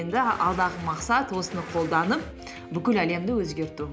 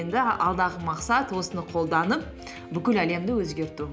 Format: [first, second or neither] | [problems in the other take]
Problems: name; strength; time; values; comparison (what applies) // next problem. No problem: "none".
second | background sound (Insect); 16 dB below the speech